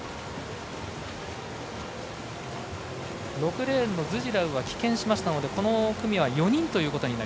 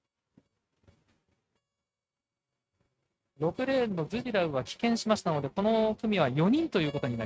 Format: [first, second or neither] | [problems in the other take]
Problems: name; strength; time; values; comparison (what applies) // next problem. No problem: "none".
first | noise reduction (neural mask model RNNoise)